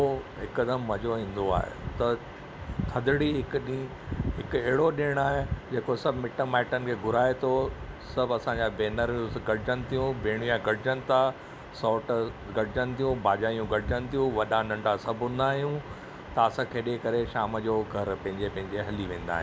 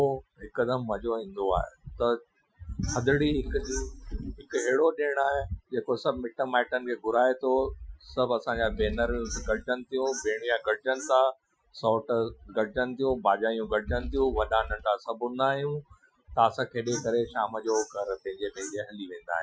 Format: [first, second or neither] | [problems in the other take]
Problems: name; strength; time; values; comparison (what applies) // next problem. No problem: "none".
first | noise reduction (classical method Wiener filter)